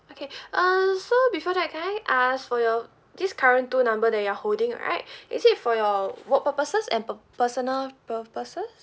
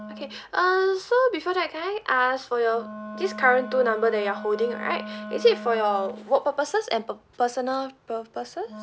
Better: first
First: none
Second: background sound (Wind instrument, woodwind instrument); 15 dB below the speech

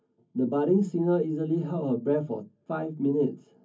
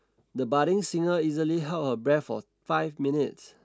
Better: second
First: room echo; dies away in 0.3 s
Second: none

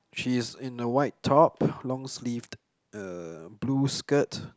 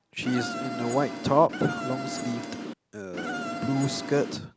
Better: first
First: none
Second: background sound (Insect); 5 dB below the speech

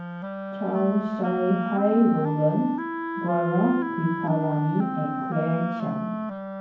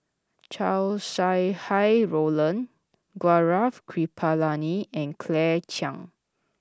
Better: second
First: background sound (Wind instrument, woodwind instrument); 5 dB below the speech // room echo; dies away in 0.9 s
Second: none

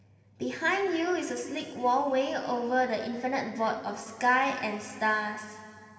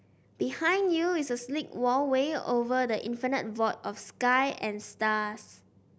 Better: second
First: room echo; dies away in 2.4 s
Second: none

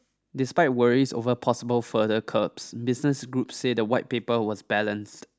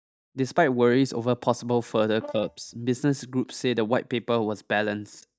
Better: first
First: none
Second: noise reduction (neural mask model DeepFilterNet 3)

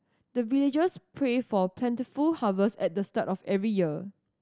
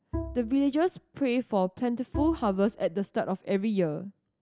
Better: first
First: none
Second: background sound (Bowed string instrument); 13 dB below the speech

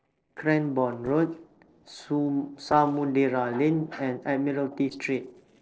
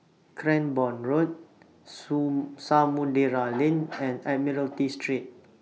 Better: second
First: noise reduction (neural separator model SepFormer DNS4)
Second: none

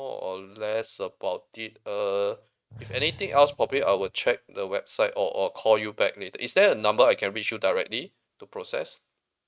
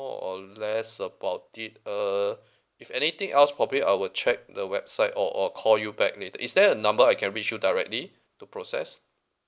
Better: second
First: noise reduction (neural mask model RNNoise)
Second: none

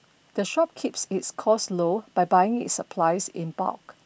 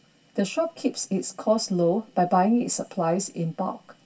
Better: first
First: none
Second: room echo; dies away in 0.2 s

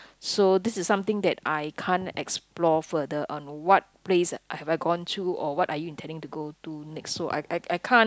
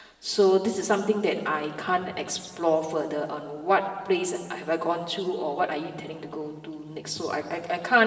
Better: first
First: none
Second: room echo; dies away in 1.9 s

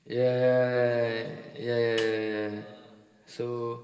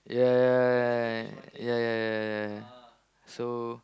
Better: second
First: background sound (Snare drum); 17 dB below the speech // room echo; dies away in 2.7 s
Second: none

